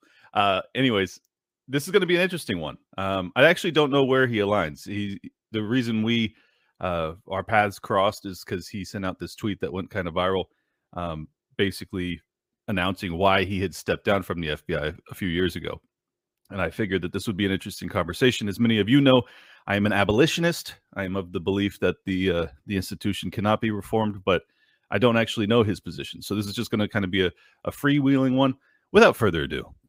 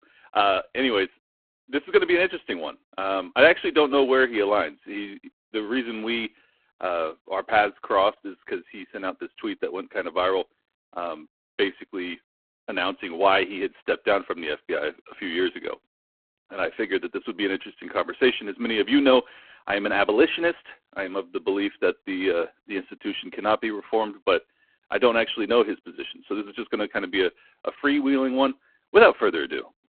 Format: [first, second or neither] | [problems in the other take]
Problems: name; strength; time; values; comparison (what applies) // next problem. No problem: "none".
first | phone-call audio; poor line